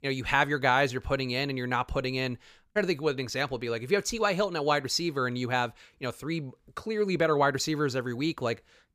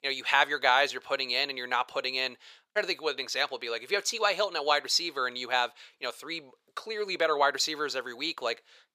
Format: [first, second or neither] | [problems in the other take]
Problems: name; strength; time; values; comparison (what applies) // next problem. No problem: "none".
first | thin; very; fading below 600 Hz